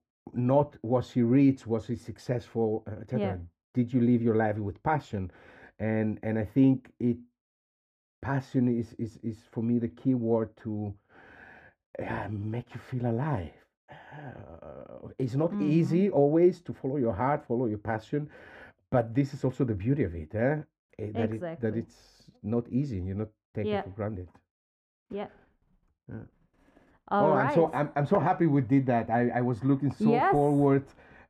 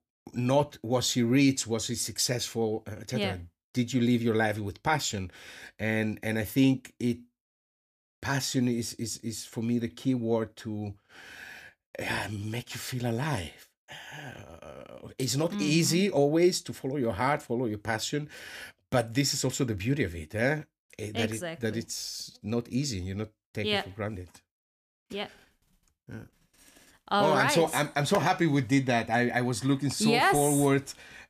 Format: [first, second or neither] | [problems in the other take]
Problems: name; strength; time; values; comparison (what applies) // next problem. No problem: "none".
second | muffled; very; fading above 2.5 kHz